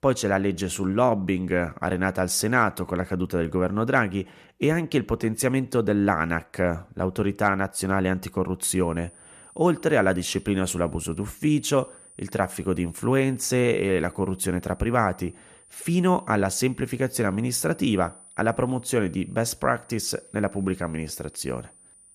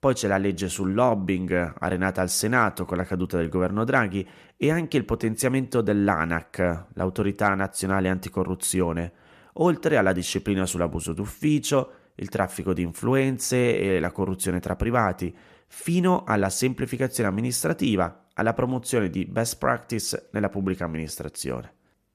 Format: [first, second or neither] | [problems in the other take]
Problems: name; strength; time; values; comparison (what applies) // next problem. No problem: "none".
second | high-pitched whine; faint; from 8.5 s on; 9.5 kHz, 25 dB below the speech